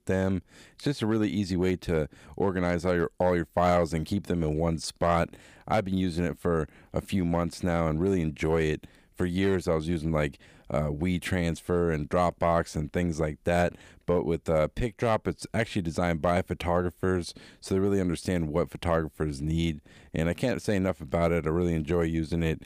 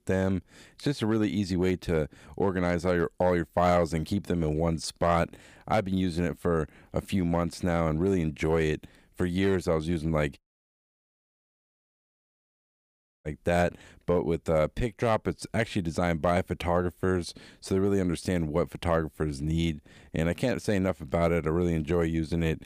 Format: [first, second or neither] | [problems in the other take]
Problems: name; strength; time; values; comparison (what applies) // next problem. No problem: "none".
first | audio cutting out; at 10 s for 3 s